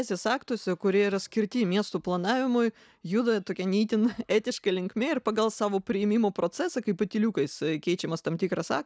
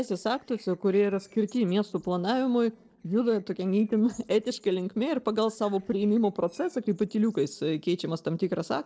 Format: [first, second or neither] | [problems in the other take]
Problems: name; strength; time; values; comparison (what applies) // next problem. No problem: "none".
first | noise reduction (neural separator model SepFormer DNS4)